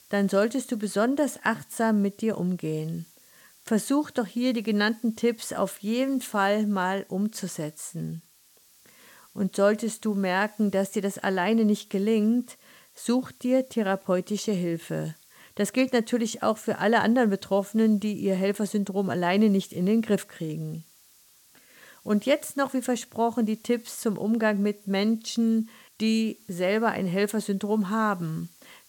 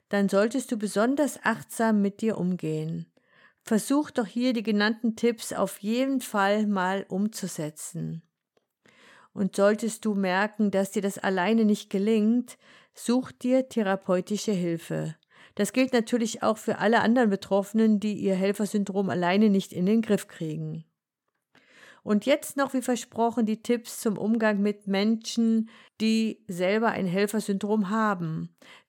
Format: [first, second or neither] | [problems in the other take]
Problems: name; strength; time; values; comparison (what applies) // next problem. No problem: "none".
second | hiss; faint; throughout; 25 dB below the speech